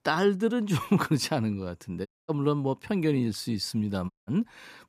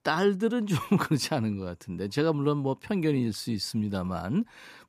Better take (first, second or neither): second